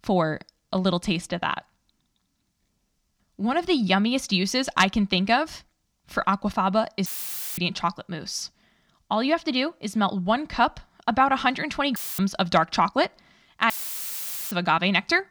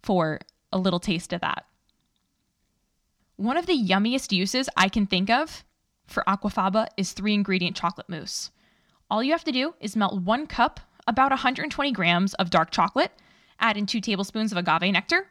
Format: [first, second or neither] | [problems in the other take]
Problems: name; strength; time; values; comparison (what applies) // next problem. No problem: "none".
second | audio cutting out; filled with static; at 7 s for 0.5 s, at 12 s and at 14 s for 1 s